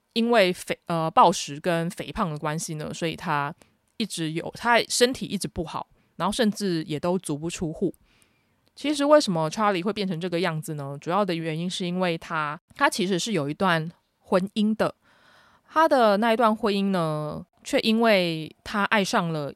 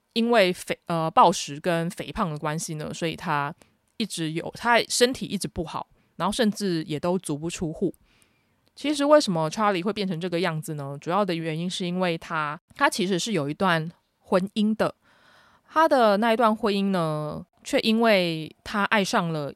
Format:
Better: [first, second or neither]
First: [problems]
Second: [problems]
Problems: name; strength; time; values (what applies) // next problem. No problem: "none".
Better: neither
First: none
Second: none